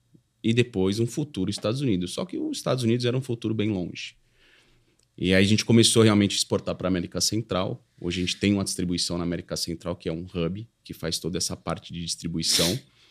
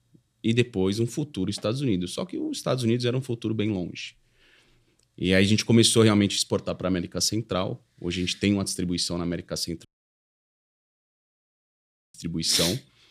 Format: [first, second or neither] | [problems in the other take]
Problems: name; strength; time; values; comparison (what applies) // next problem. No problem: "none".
first | audio cutting out; at 10 s for 2.5 s